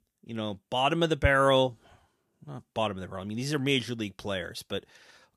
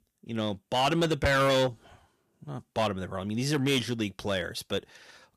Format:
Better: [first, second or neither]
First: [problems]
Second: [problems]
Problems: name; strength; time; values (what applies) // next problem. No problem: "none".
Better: first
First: none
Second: distortion; heavy; 6% of the sound clipped